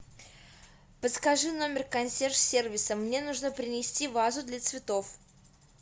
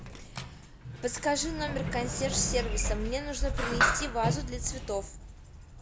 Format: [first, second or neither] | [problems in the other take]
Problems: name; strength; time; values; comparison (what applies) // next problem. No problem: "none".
first | background sound (Sliding door); 1 dB above the speech